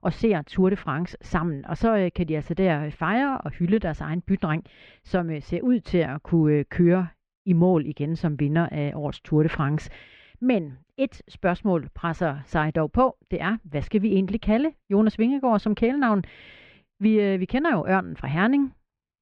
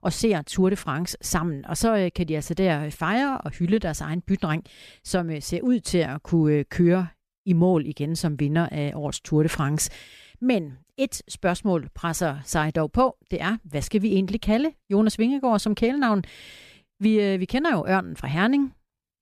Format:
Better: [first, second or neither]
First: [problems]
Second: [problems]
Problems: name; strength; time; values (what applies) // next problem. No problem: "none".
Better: second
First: muffled; very; fading above 3 kHz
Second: none